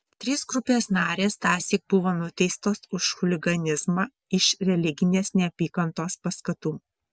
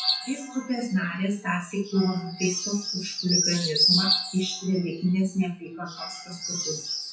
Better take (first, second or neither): first